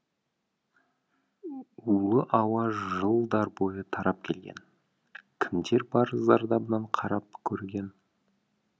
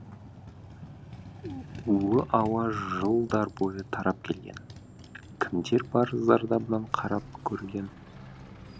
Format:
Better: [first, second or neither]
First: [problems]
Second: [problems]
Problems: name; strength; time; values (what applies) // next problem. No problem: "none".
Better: first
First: none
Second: background sound (Motorcycle); 15 dB below the speech